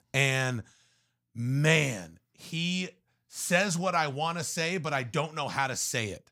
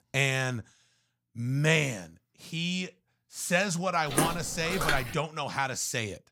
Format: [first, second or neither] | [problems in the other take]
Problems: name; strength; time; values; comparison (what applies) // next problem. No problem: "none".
first | footsteps; loud; from 4 to 5 s; peak 1 dB above the speech